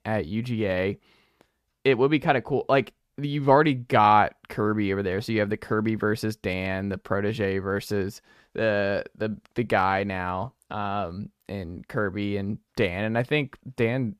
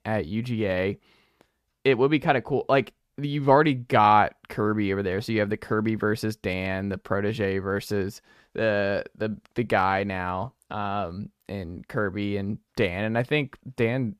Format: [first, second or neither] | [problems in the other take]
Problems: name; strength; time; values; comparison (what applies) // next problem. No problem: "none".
neither | none